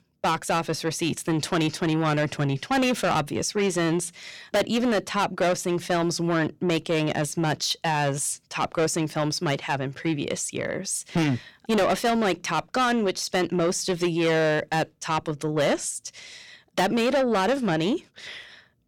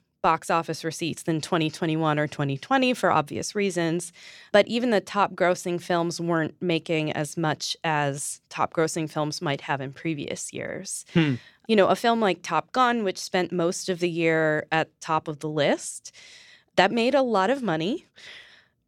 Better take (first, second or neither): second